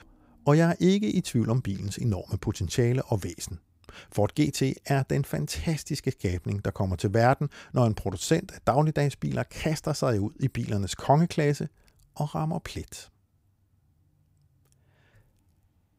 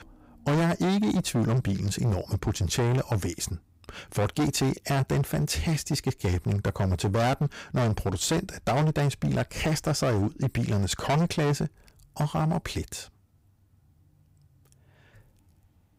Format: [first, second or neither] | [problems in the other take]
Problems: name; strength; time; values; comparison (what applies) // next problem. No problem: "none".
first | distortion; heavy; 15% of the sound clipped